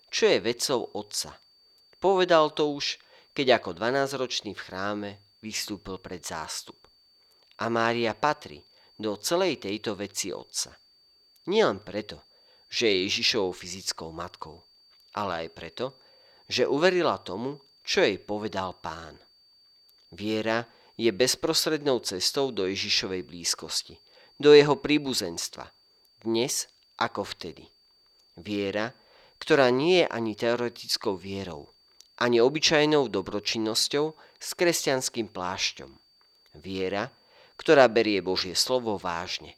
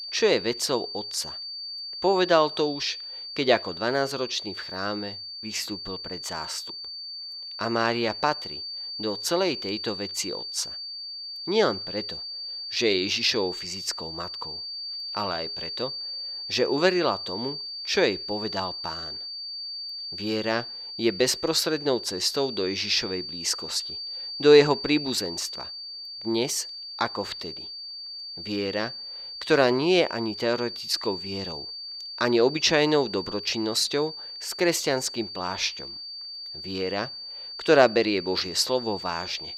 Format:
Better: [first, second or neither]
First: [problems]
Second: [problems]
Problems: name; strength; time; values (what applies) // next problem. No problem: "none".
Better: first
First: high-pitched whine; faint; throughout; 4.5 kHz, 30 dB below the speech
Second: high-pitched whine; loud; throughout; 4.5 kHz, 8 dB below the speech